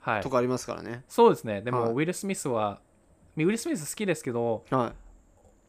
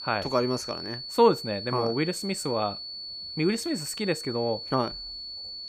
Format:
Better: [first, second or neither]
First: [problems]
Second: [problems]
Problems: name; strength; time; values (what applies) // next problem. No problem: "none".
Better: first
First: none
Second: high-pitched whine; loud; throughout; 4.5 kHz, 8 dB below the speech